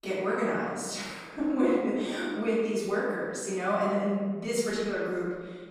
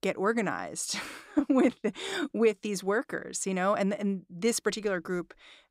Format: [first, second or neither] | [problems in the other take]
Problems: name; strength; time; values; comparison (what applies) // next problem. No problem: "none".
second | off-mic speech; far // room echo; strong; dies away in 1.4 s